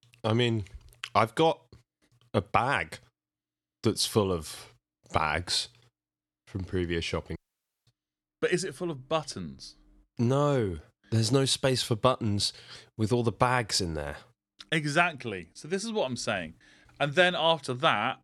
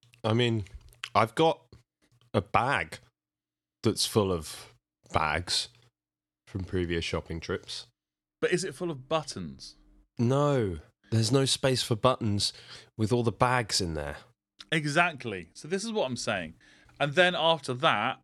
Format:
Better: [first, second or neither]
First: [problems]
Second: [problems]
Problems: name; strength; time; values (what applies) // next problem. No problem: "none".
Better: second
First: audio cutting out; at 7.5 s for 0.5 s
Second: none